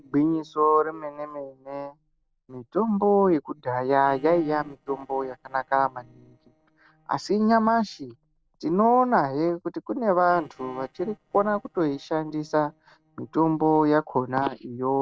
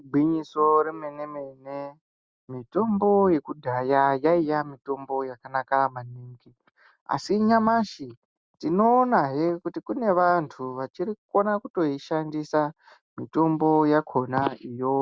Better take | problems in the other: second | noise reduction (neural separator model SepFormer DNS4)

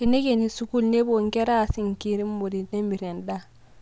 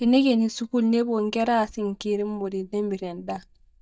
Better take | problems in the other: first | noise reduction (neural mask model DeepFilterNet 3)

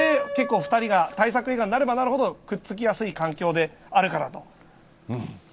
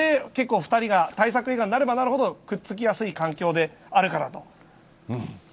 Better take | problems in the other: second | background sound (Piano); 12 dB below the speech

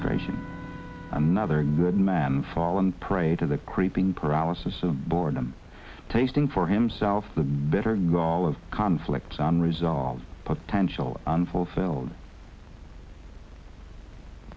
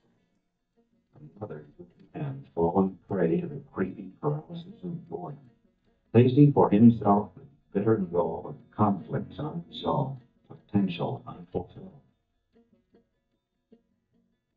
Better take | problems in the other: first | noise reduction (neural mask model DeepFilterNet 3)

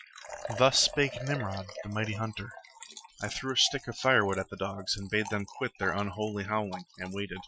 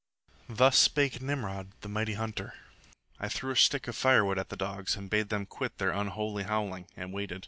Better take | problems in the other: second | noise reduction (classical method Wiener filter)

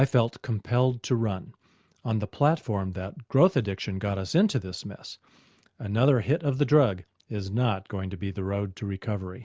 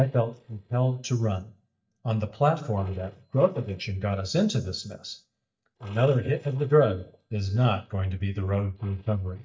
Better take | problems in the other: first | noise reduction (neural mask model DeepFilterNet 3)

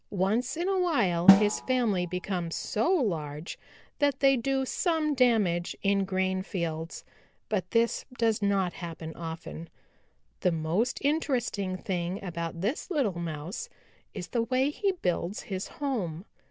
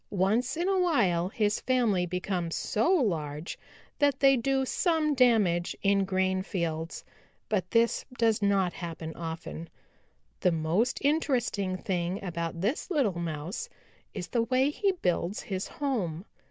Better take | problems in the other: second | background sound (Snare drum); 1 dB below the speech

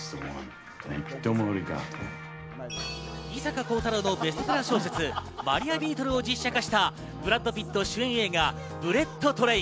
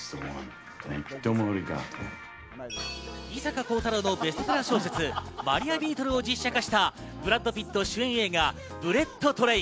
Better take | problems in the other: second | background sound (Wind instrument, woodwind instrument); 14 dB below the speech

